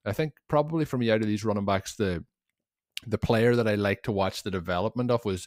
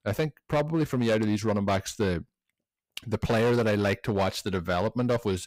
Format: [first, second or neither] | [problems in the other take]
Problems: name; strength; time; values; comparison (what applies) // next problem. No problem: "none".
first | distortion; slight; 9% of the sound clipped